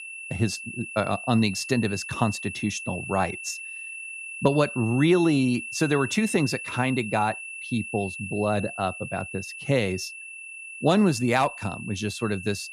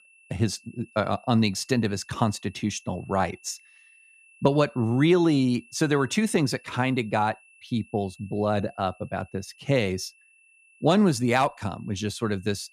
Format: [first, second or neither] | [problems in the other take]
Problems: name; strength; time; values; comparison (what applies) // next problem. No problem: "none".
second | high-pitched whine; loud; throughout; 2.5 kHz, 9 dB below the speech; faint in the second